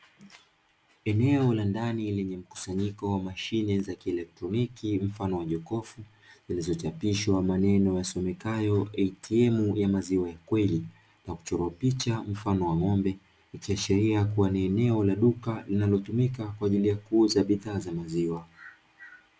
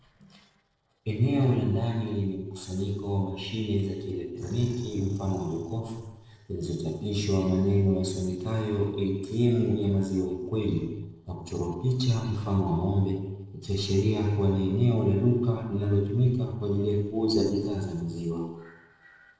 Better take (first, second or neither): first